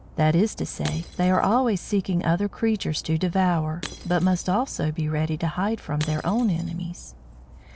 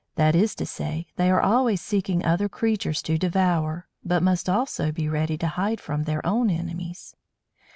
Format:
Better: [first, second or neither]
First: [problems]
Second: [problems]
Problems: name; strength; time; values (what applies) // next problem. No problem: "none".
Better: second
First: background sound (Dog + Shatter / Crushing); 18 dB below the speech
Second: none